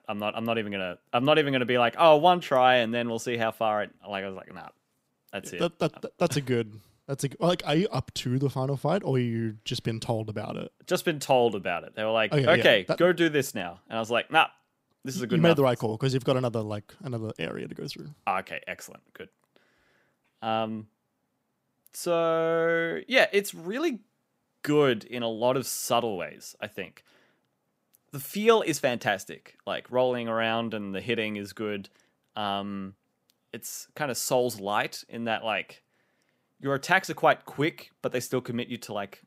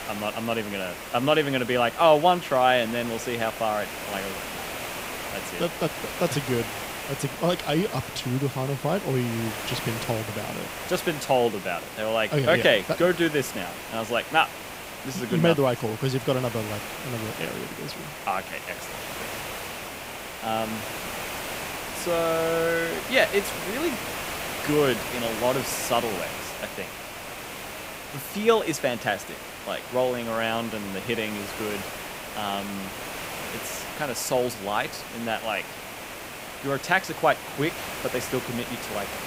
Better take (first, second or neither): first